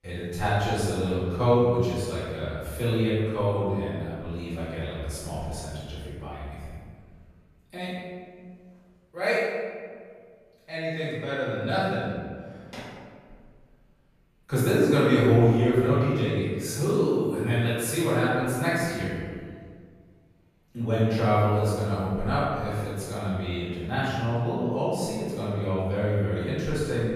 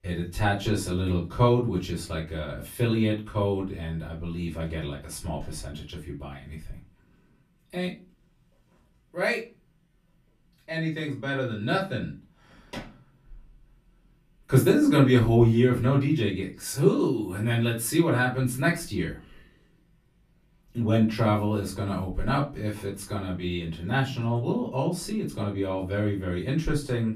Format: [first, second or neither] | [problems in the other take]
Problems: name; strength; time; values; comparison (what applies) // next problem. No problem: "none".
second | room echo; strong; dies away in 1.6 s; slight in the second // off-mic speech; far; far in the second